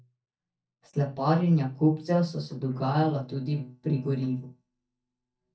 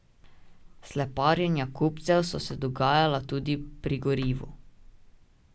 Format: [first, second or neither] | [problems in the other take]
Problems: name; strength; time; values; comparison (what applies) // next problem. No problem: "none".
second | noise reduction (neural mask model DeepFilterNet 3)